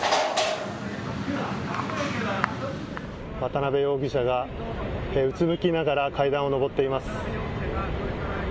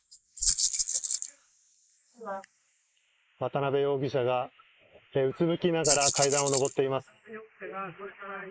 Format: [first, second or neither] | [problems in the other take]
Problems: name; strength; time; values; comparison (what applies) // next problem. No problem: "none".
first | noise reduction (neural mask model Resemble Enhance denoiser)